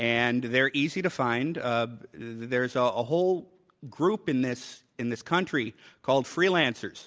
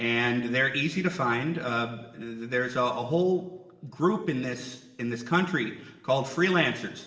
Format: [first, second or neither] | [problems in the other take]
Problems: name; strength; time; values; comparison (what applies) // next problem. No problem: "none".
first | room echo; dies away in 1.1 s